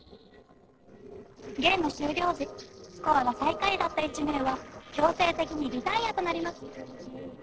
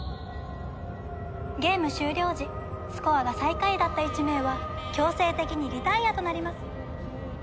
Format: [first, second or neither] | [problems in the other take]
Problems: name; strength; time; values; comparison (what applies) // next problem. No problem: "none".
second | noise reduction (neural separator model SepFormer DNS4)